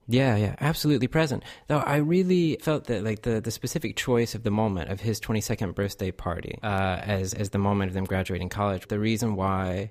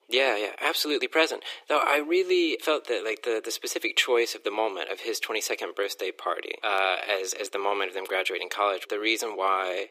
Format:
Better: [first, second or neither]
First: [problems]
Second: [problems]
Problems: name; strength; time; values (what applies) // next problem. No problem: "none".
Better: first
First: none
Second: thin; very; fading below 350 Hz